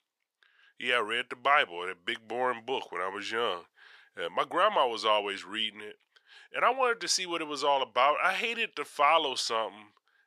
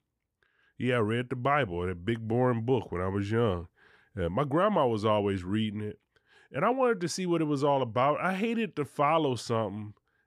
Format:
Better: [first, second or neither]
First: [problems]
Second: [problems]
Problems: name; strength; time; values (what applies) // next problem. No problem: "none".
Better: second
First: thin; very; fading below 700 Hz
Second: none